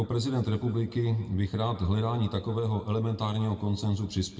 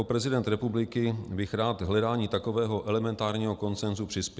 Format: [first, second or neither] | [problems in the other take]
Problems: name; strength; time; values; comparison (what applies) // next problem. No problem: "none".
second | room echo; dies away in 1.1 s